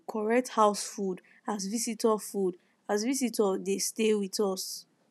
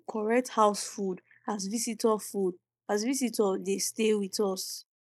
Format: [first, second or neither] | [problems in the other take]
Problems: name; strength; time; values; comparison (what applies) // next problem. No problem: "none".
first | noise reduction (neural mask model Resemble Enhance denoiser)